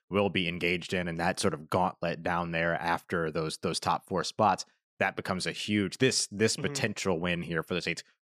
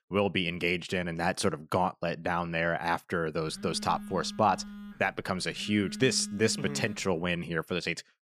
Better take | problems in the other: first | phone ringing; noticeable; from 3.5 to 7 s; peak 10 dB below the speech

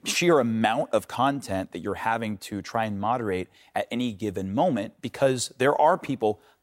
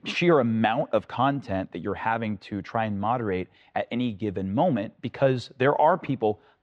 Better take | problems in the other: first | muffled; slightly; fading above 3.5 kHz

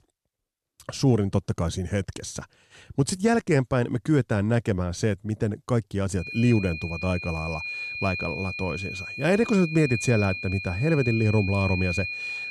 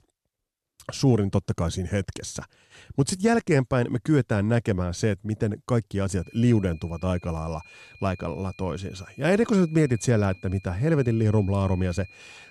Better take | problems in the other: second | high-pitched whine; loud; from 6 s on; 2.5 kHz, 6 dB below the speech; faint in the second

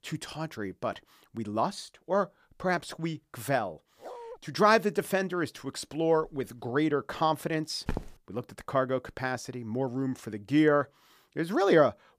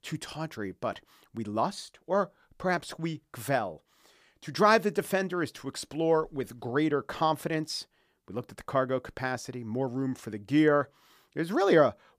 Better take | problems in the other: second | dog barking; faint; at 4 s; peak 15 dB below the speech // footsteps; noticeable; at 8 s; peak 9 dB below the speech

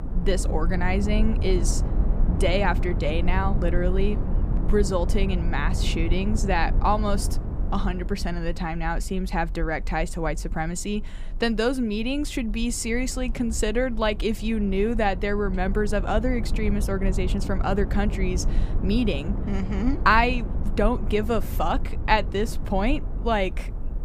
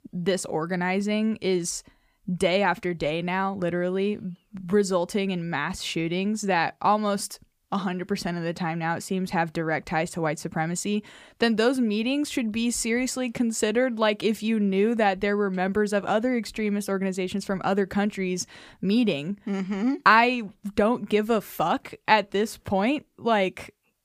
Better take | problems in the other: second | low rumble; noticeable; throughout; 15 dB below the speech

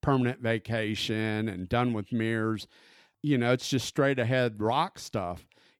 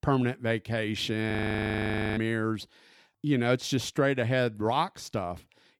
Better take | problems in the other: first | audio freezing; at 1.5 s for 1 s

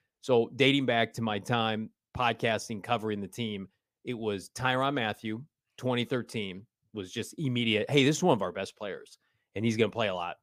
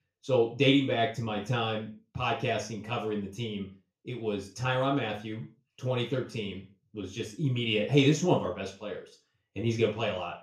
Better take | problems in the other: first | room echo; slight; dies away in 0.3 s // off-mic speech; far

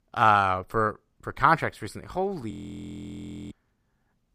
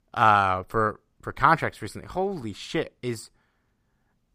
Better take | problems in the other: second | audio freezing; at 2.5 s for 1 s

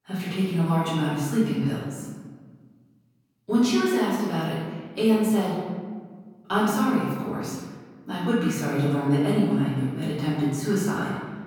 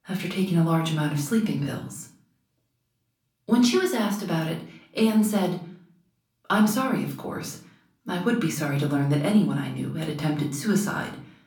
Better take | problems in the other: second | room echo; strong; dies away in 1.4 s; slight in the second // off-mic speech; far; far in the second

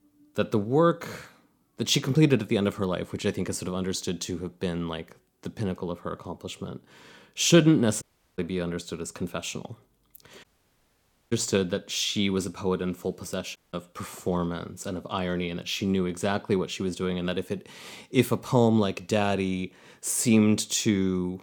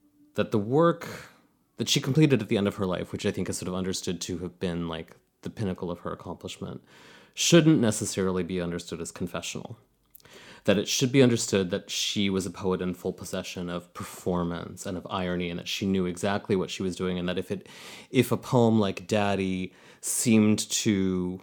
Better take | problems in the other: second | audio cutting out; at 8 s, at 10 s for 1 s and at 14 s

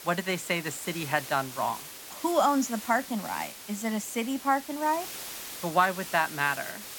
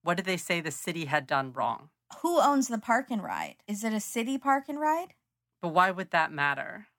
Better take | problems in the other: second | hiss; noticeable; throughout; 10 dB below the speech

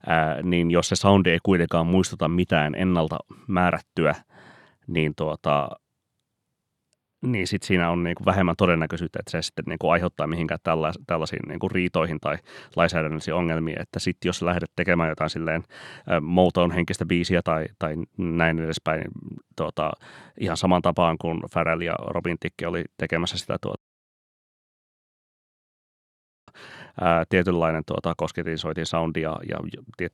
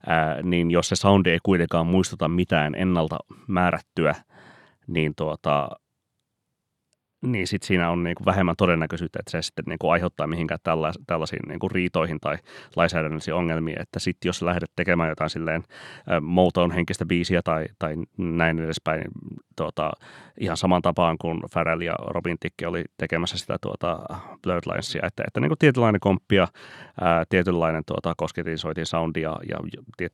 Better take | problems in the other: second | audio cutting out; at 24 s for 2.5 s

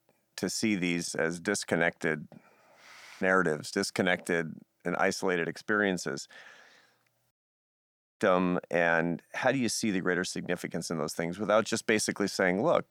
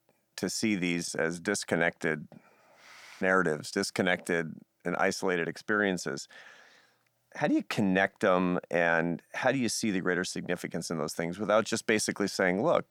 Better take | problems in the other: second | audio cutting out; at 7.5 s for 1 s

